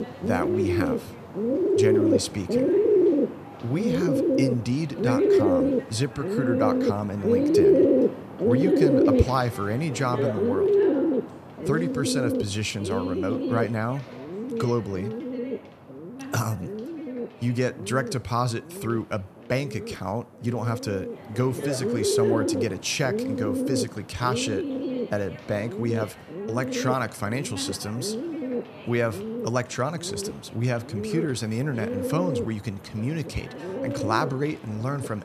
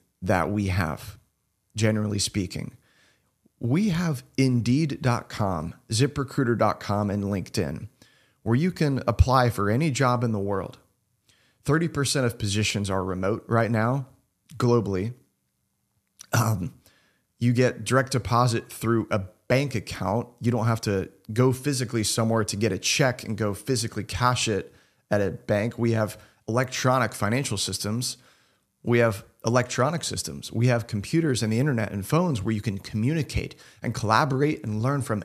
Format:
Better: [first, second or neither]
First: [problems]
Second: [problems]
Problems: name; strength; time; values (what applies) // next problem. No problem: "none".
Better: second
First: animal sounds; very loud; throughout; 3 dB above the speech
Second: none